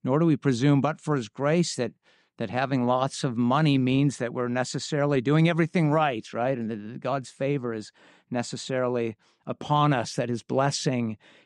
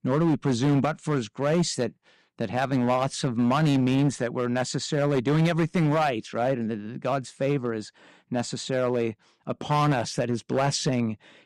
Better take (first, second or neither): first